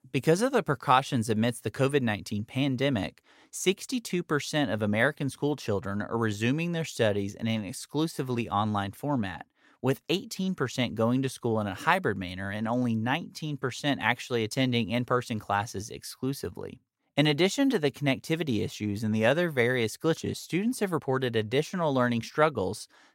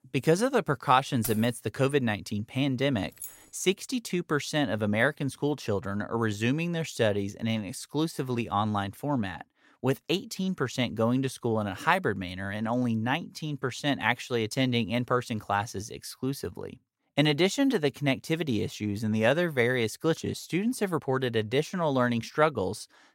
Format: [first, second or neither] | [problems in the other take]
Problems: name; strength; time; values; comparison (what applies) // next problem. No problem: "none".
first | jangling keys; noticeable; at 1 s; peak 8 dB below the speech // jangling keys; faint; at 3 s; peak 15 dB below the speech